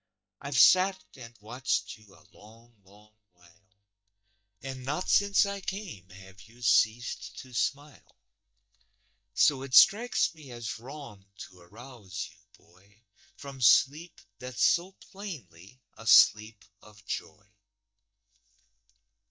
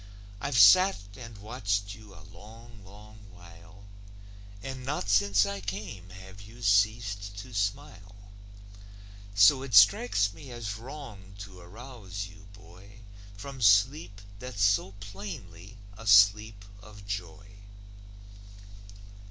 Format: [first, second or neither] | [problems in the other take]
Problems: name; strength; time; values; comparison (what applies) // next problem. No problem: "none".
second | noise reduction (neural mask model DeepFilterNet 3)